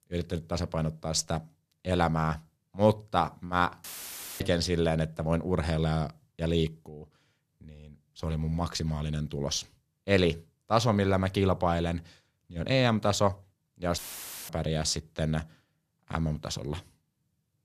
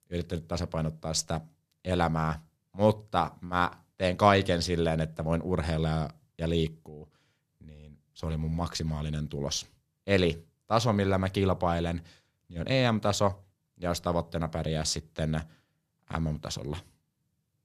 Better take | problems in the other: second | audio cutting out; filled with static; at 4 s for 0.5 s and at 14 s for 0.5 s

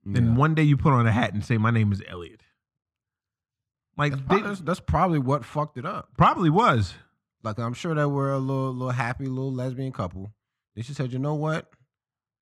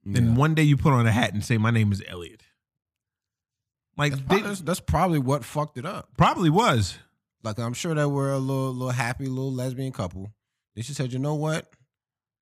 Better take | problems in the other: second | muffled; slightly; fading above 2.5 kHz

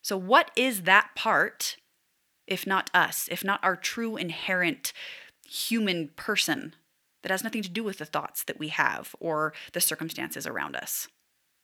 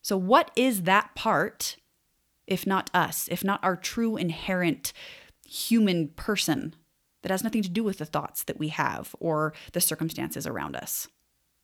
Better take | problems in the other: second | thin; very slightly; fading below 350 Hz

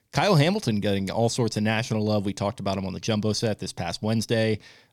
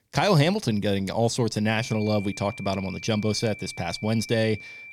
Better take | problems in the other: first | high-pitched whine; noticeable; from 1.5 s on; 2.5 kHz, 15 dB below the speech

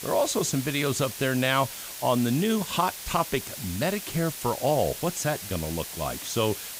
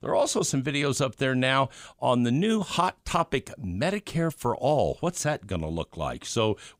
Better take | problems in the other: second | hiss; loud; throughout; 8 dB below the speech

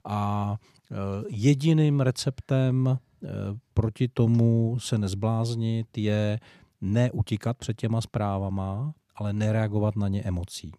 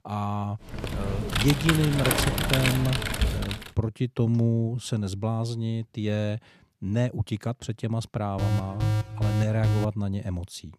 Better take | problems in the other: first | keyboard typing; loud; from 0.5 to 3.5 s; peak 4 dB above the speech // alarm; loud; from 8.5 to 10 s; peak 1 dB above the speech

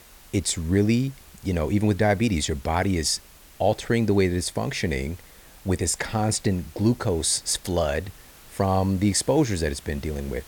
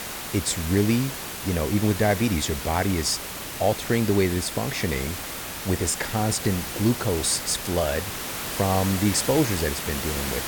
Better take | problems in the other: first | hiss; loud; throughout; 6 dB below the speech; faint in the first

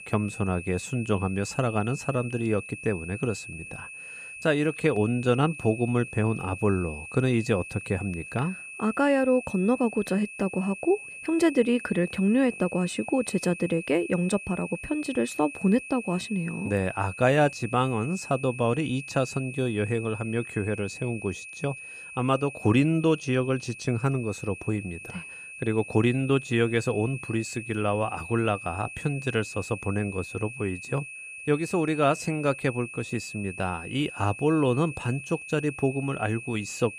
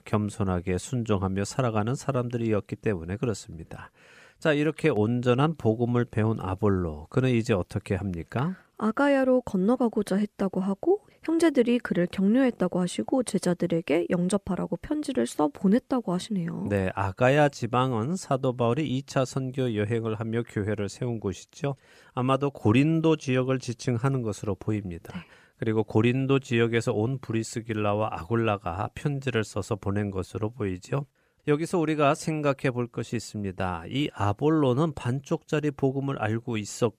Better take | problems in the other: second | high-pitched whine; noticeable; throughout; 2.5 kHz, 10 dB below the speech

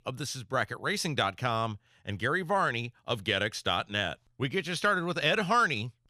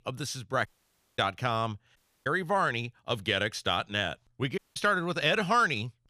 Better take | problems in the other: first | audio cutting out; at 0.5 s for 0.5 s, at 2 s and at 4.5 s

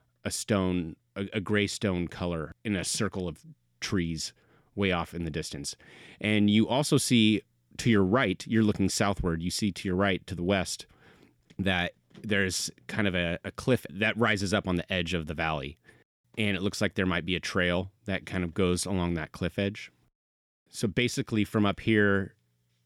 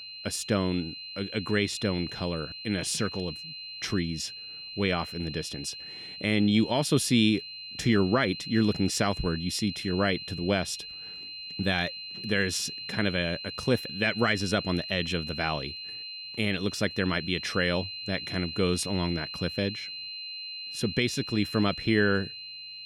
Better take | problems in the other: first | high-pitched whine; loud; throughout; 4 kHz, 8 dB below the speech

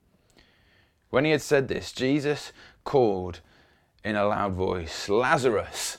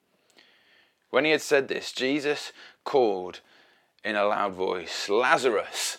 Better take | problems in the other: first | thin; very slightly; fading below 300 Hz

